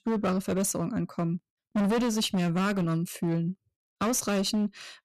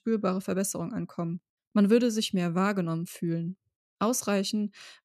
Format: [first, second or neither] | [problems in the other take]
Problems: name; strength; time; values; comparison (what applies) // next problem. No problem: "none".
second | distortion; heavy; 17% of the sound clipped